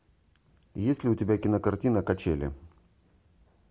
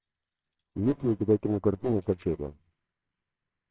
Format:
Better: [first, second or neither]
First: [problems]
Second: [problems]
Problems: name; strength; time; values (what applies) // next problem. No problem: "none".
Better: first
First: none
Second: noise reduction (neural separator model SepFormer WHAMR!)